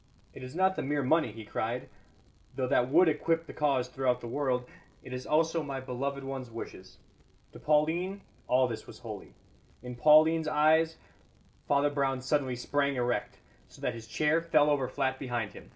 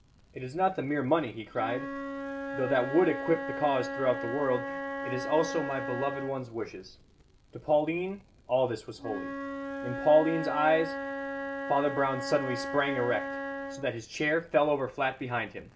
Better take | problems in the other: first | background sound (Wind instrument, woodwind instrument); 7 dB below the speech

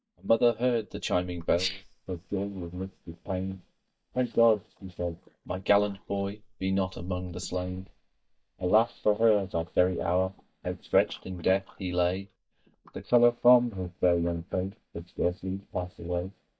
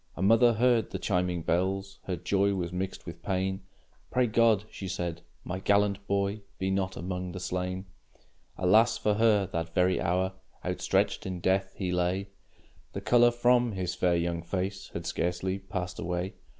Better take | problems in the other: second | noise reduction (neural mask model DeepFilterNet 3)

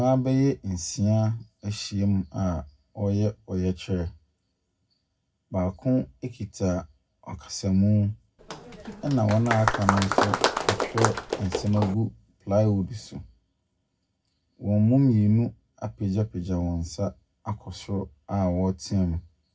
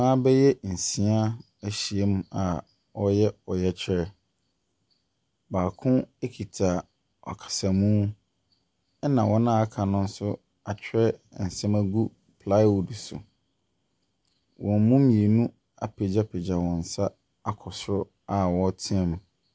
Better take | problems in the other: second | background sound (Applause); 1 dB below the speech // room echo; dies away in 0.4 s

